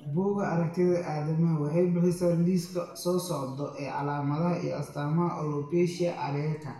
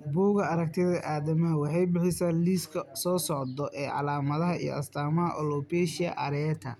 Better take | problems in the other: second | room echo; dies away in 0.8 s

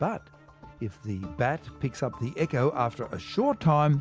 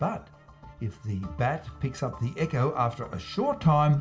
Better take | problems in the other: first | room echo; dies away in 0.5 s

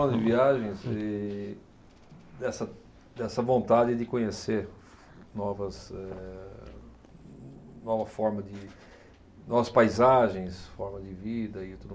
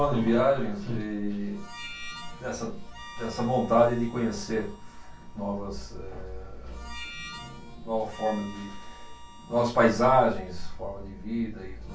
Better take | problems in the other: first | background sound (Harmonica); 19 dB below the speech // room echo; dies away in 0.2 s

